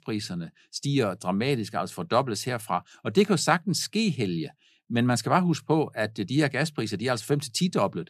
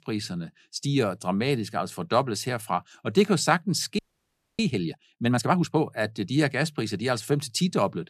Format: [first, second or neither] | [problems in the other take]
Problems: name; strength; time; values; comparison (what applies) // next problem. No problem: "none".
first | audio freezing; at 4 s for 0.5 s